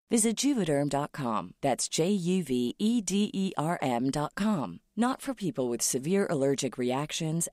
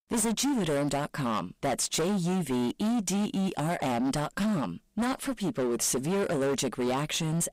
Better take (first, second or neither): first